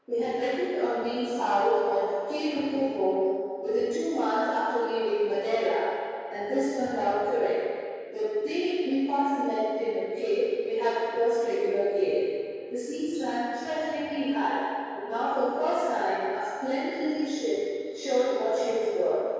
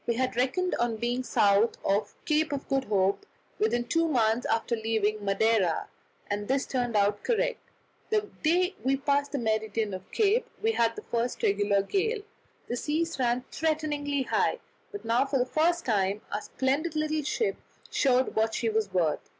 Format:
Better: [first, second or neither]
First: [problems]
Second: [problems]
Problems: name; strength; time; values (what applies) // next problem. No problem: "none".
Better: second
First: room echo; dies away in 2.2 s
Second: none